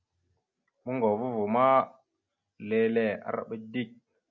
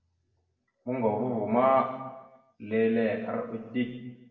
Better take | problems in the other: first | room echo; dies away in 1 s

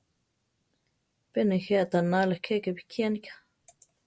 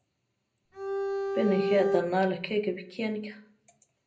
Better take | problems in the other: first | background sound (Bowed string instrument); as loud as the speech // room echo; dies away in 0.5 s

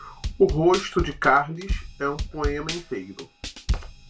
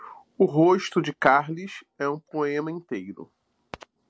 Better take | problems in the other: second | background sound (Drum / Drum kit); 6 dB below the speech // room echo; dies away in 0.2 s

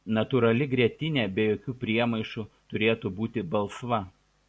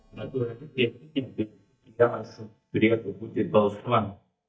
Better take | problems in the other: first | noise reduction (neural mask model DeepFilterNet 3)

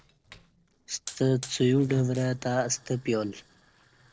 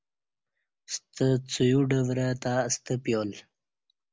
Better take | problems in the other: second | noise reduction (neural separator model SepFormer DNS4)

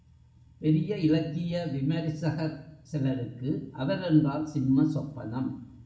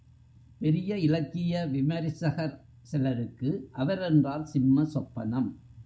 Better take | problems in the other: second | room echo; dies away in 0.7 s

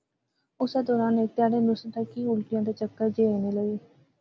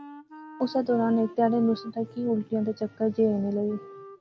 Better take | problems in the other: first | background sound (Wind instrument, woodwind instrument); 19 dB below the speech

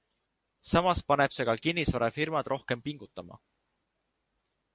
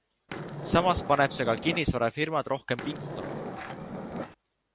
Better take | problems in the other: first | background sound (Skateboard); 7 dB below the speech

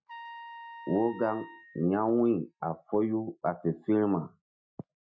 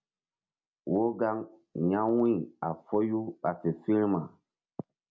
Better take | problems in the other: second | noise reduction (classical method Wiener filter)

